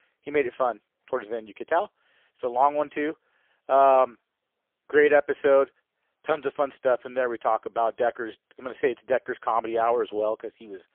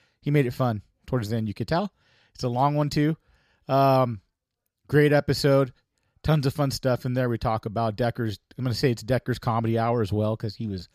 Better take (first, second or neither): second